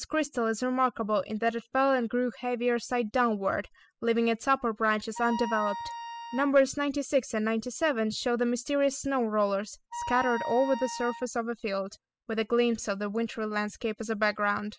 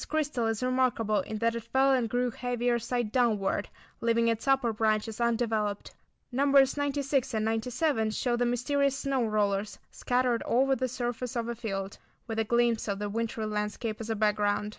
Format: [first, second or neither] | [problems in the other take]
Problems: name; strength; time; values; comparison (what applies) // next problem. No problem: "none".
second | noise reduction (classical method spectral subtraction)